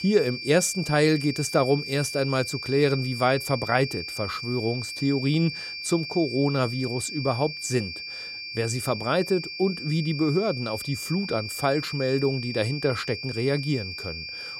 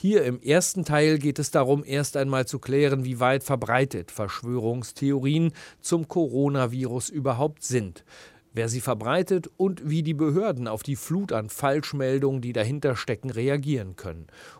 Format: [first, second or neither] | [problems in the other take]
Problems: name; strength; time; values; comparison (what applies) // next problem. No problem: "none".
second | high-pitched whine; loud; throughout; 2.5 kHz, 7 dB below the speech